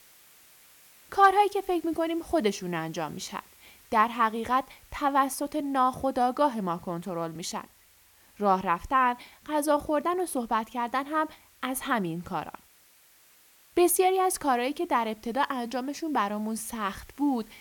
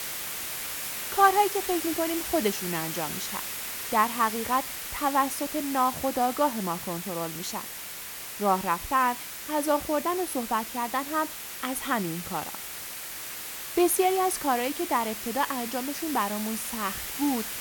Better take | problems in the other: first | hiss; loud; throughout; 6 dB below the speech; faint in the first

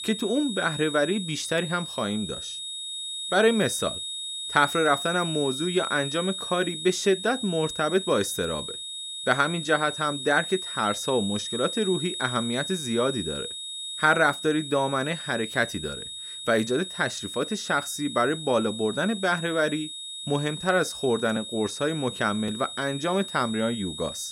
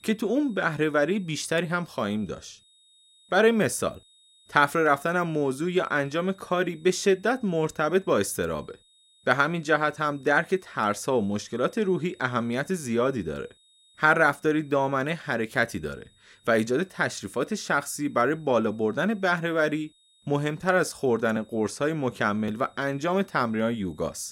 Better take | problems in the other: second | high-pitched whine; loud; throughout; 3.5 kHz, 7 dB below the speech; faint in the second

